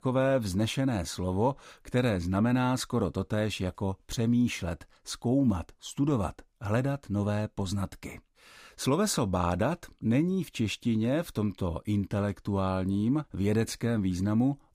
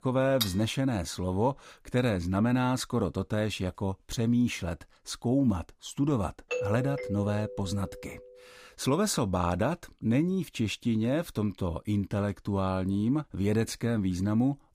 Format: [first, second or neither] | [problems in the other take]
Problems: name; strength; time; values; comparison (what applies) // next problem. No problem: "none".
first | clattering dishes; noticeable; at 0.5 s; peak 3 dB below the speech // doorbell; noticeable; from 6.5 to 8 s; peak 3 dB below the speech